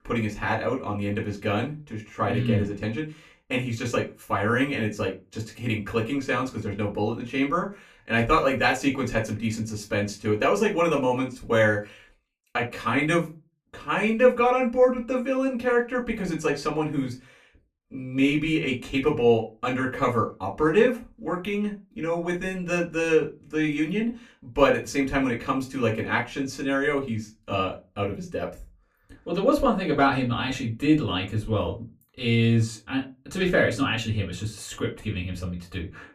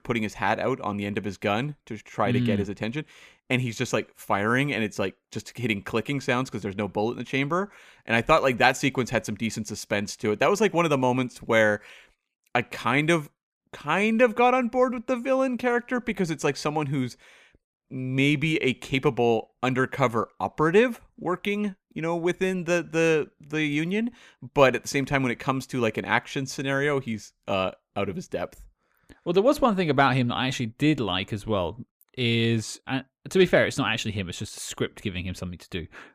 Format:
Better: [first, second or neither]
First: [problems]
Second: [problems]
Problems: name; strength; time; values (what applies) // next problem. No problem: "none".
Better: second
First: off-mic speech; far // room echo; very slight; dies away in 0.2 s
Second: none